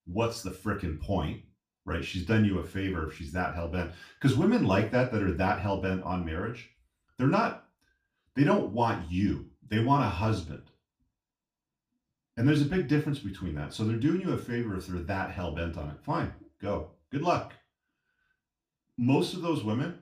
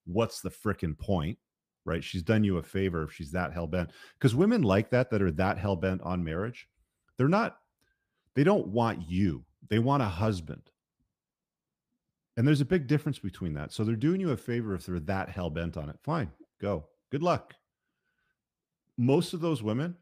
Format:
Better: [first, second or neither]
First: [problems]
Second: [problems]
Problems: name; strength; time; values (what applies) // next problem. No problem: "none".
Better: second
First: room echo; slight; dies away in 0.3 s // off-mic speech; far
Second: none